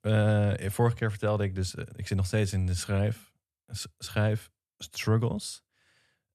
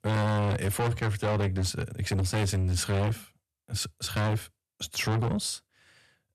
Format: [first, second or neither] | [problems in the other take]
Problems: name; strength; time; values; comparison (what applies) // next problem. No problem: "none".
first | distortion; heavy; 6 dB below the speech